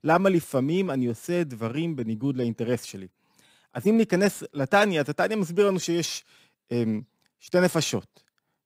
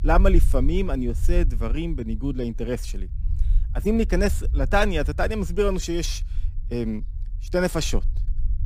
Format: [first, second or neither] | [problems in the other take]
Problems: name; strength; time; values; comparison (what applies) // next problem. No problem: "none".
first | low rumble; faint; throughout; 25 dB below the speech